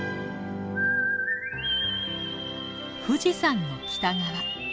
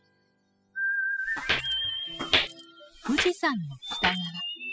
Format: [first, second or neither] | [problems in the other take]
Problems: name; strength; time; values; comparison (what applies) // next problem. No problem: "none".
first | noise reduction (classical method spectral subtraction)